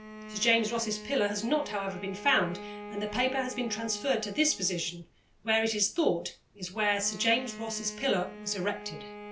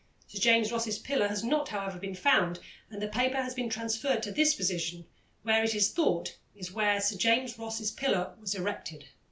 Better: second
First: background sound (Bowed string instrument); 13 dB below the speech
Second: none

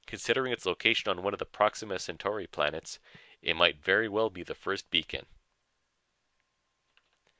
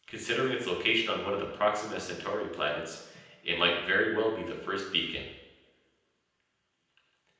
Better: first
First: none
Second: room echo; dies away in 0.9 s

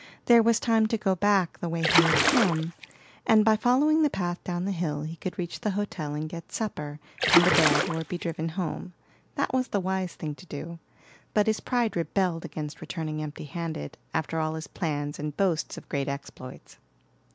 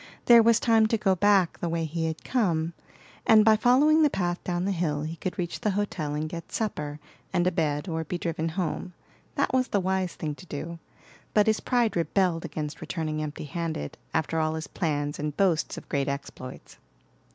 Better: second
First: background sound (Splash, splatter); 2 dB above the speech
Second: none

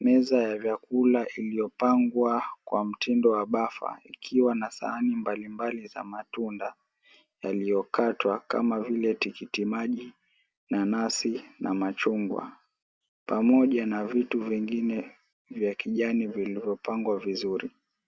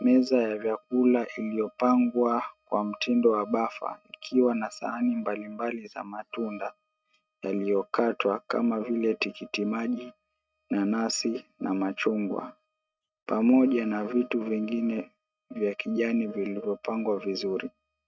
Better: first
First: none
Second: noise reduction (neural mask model RNNoise)

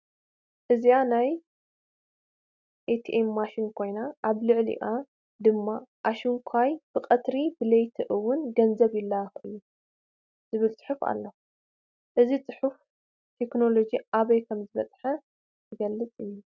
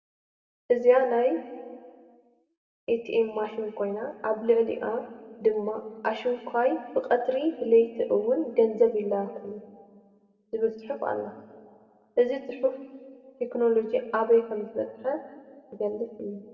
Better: first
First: none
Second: room echo; dies away in 1.6 s

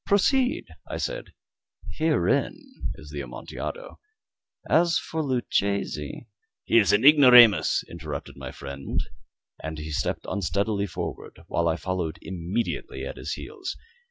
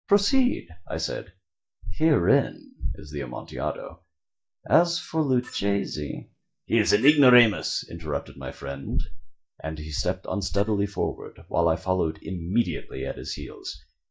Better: first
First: none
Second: noise reduction (neural mask model DeepFilterNet 3)

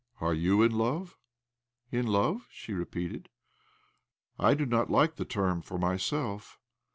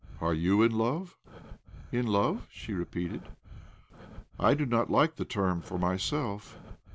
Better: first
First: none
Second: background sound (Breathing); 18 dB below the speech

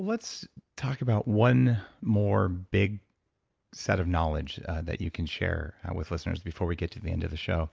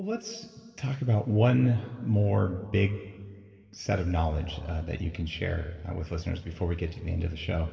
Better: first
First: none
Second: room echo; dies away in 2 s

